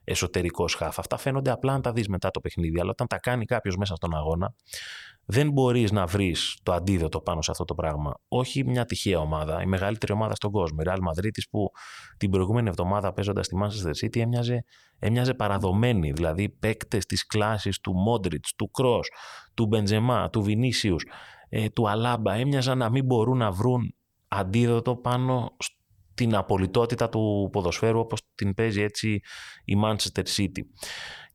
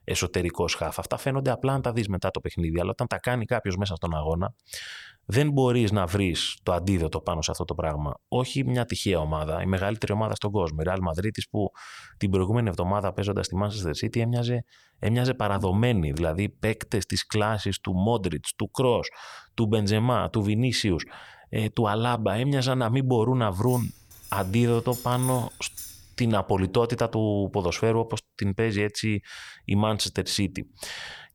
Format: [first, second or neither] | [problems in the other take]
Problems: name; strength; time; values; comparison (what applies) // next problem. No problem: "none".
first | jangling keys; noticeable; from 24 to 26 s; peak 8 dB below the speech